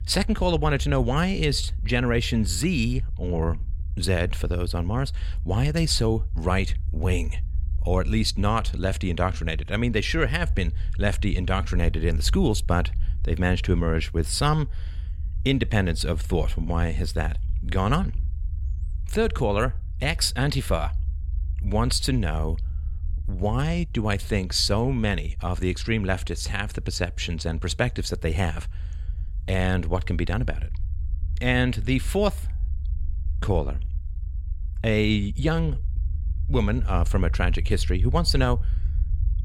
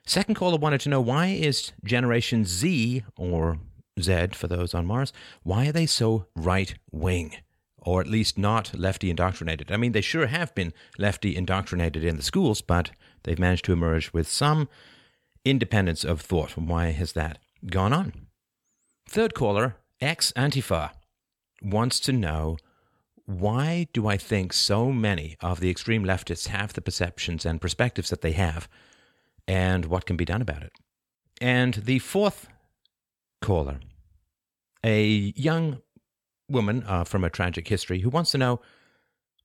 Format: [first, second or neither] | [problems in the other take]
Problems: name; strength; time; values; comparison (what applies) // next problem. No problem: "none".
second | low rumble; faint; throughout; 25 dB below the speech